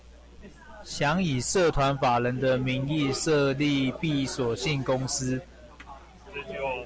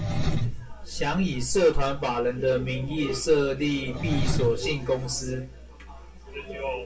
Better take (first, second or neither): first